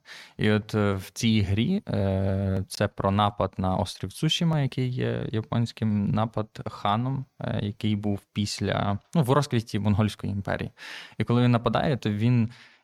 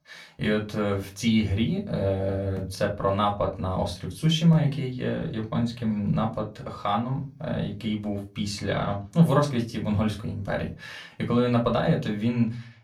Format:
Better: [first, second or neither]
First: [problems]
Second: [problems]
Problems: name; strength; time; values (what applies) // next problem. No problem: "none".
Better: first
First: none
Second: off-mic speech; far // room echo; very slight; dies away in 0.2 s